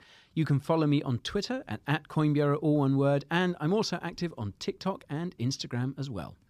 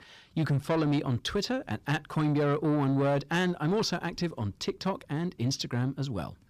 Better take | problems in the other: first | distortion; slight; 10 dB below the speech

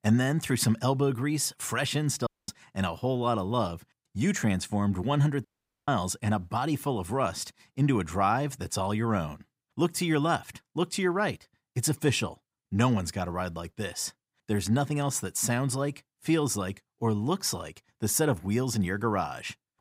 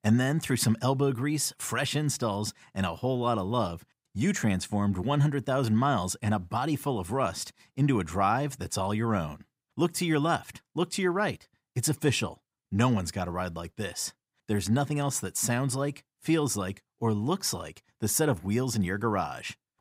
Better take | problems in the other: second | audio cutting out; at 2.5 s and at 5.5 s

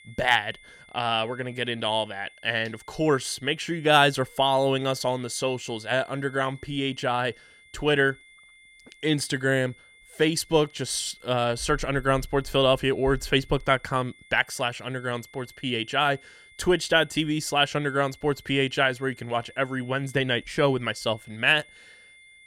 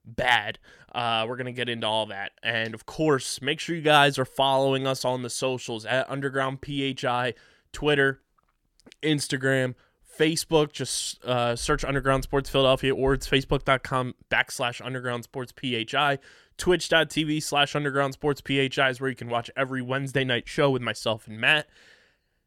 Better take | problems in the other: second | high-pitched whine; faint; throughout; 2 kHz, 25 dB below the speech

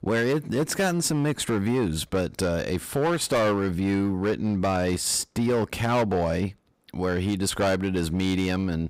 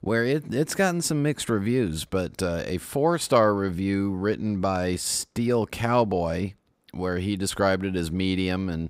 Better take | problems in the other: second | distortion; slight; 11% of the sound clipped

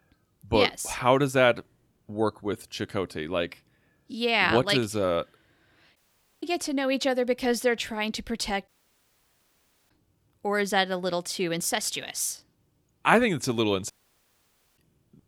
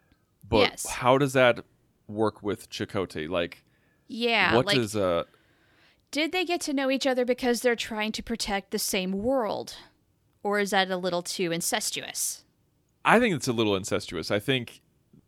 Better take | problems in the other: second | audio cutting out; at 6 s, at 8.5 s for 1 s and at 14 s for 1 s

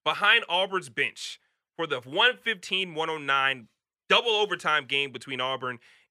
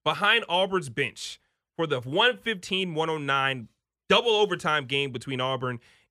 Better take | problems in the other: second | thin; somewhat; fading below 650 Hz

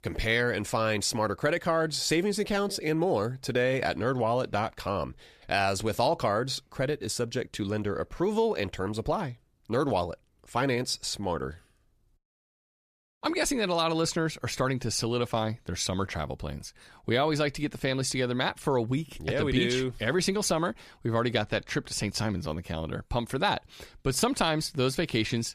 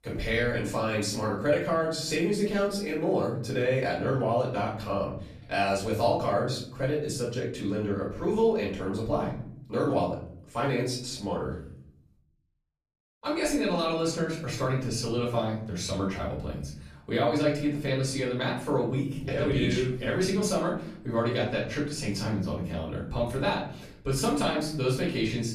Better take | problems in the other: first | off-mic speech; far // room echo; slight; dies away in 0.8 s

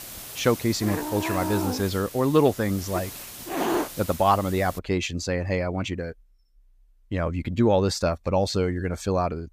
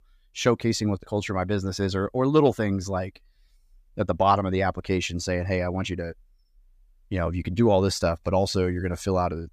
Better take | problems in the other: second | hiss; loud; until 5 s; 7 dB below the speech

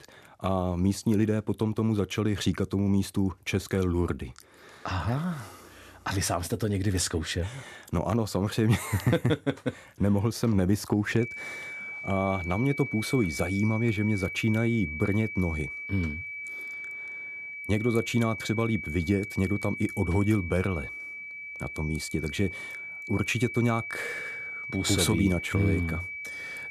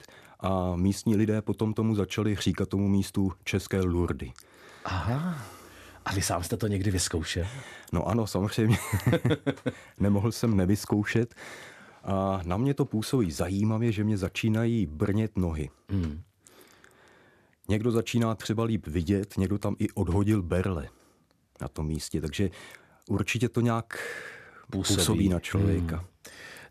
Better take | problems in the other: second | high-pitched whine; loud; from 11 s on; 2.5 kHz, 7 dB below the speech

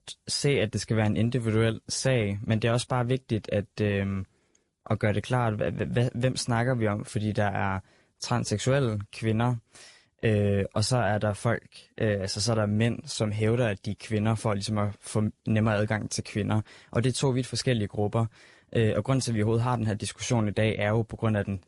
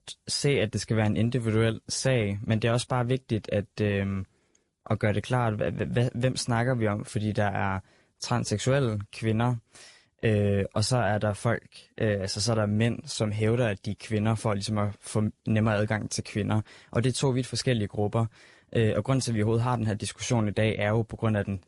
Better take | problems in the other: neither | garbled, watery; slightly; nothing above 11 kHz; the same in both

